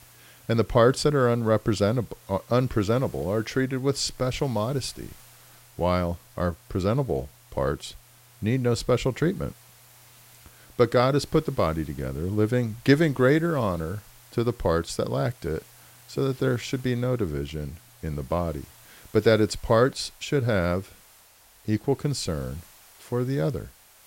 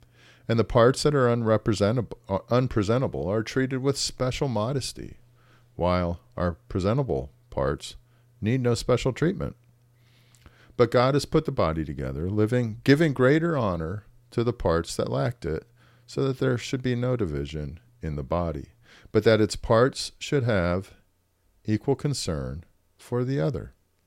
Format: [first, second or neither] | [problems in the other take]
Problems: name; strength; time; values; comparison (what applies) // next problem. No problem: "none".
second | hiss; faint; throughout; 25 dB below the speech